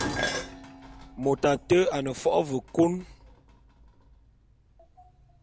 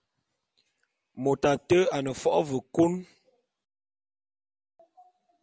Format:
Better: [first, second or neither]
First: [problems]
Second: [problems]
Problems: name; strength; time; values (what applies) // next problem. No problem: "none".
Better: second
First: background sound (Dishes, pots, and pans); 10 dB below the speech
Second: none